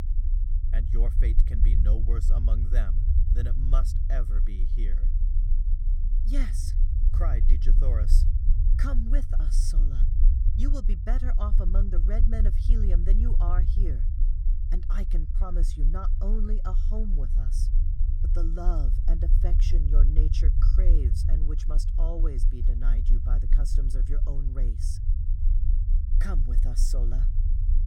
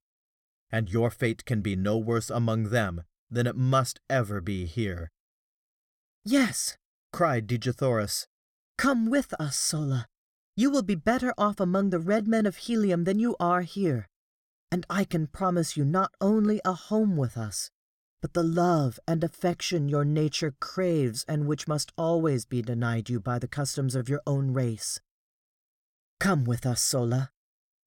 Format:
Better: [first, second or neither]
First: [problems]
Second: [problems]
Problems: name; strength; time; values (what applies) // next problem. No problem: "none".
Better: second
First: low rumble; loud; throughout; 5 dB below the speech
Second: none